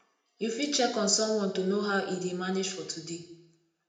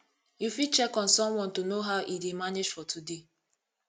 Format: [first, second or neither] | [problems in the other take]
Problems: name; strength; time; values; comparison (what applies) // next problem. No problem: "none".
second | room echo; dies away in 0.7 s